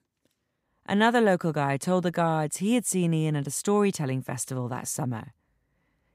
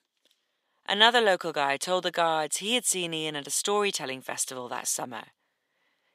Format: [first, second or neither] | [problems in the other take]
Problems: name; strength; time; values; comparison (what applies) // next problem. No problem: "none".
first | thin; somewhat; fading below 450 Hz